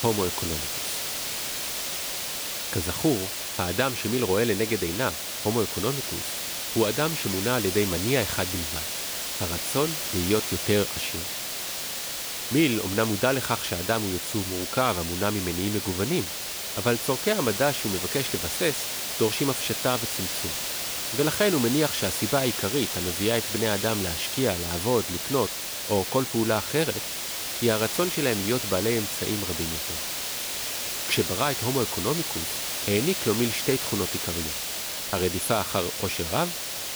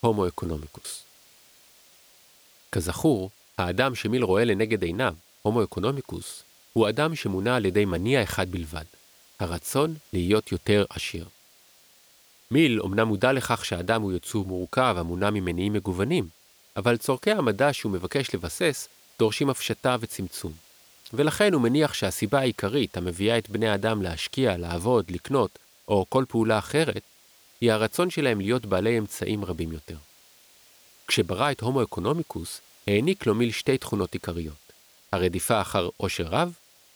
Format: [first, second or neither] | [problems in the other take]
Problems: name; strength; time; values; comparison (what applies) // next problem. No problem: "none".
second | hiss; loud; throughout; 1 dB below the speech; faint in the second